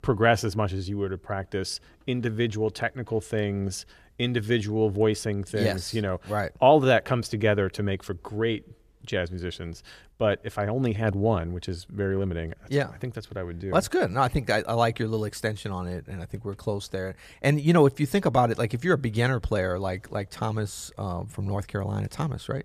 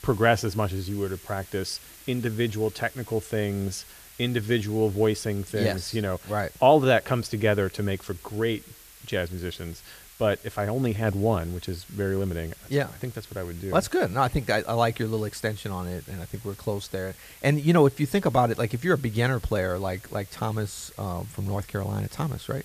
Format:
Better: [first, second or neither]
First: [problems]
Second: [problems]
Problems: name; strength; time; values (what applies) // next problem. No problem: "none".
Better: first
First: none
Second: hiss; noticeable; throughout; 20 dB below the speech